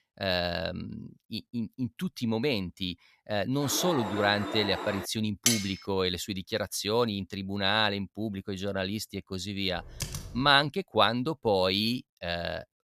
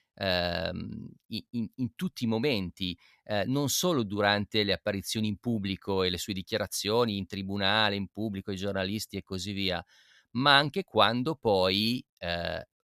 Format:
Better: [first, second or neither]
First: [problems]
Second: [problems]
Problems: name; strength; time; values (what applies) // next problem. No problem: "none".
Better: second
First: alarm; noticeable; from 3.5 to 5 s; peak 5 dB below the speech // clattering dishes; loud; at 5.5 s; peak 3 dB above the speech // keyboard typing; noticeable; at 10 s; peak 8 dB below the speech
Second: none